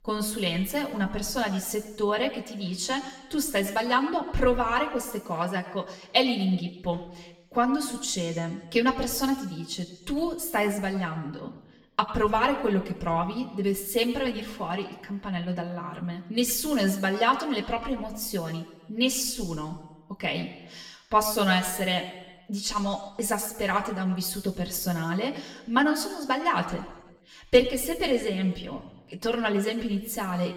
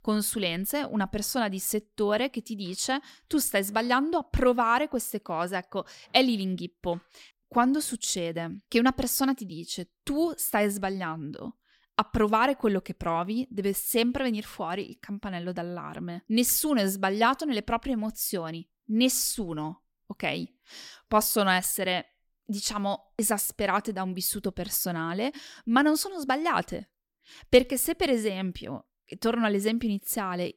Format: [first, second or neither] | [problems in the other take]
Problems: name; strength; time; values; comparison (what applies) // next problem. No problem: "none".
second | room echo; slight; dies away in 1 s // off-mic speech; somewhat distant